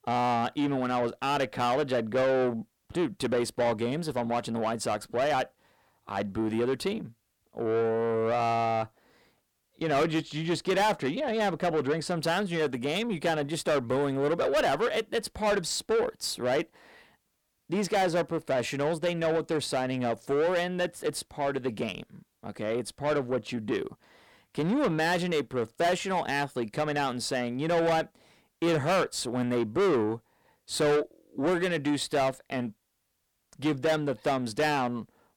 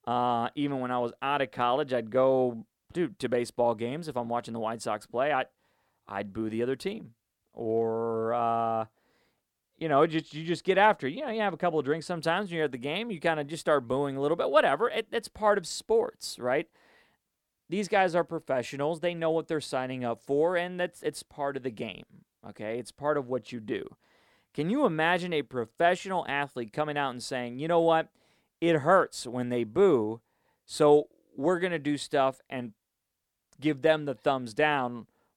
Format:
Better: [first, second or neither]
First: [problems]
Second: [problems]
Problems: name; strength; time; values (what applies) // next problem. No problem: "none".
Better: second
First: distortion; heavy; 7 dB below the speech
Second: none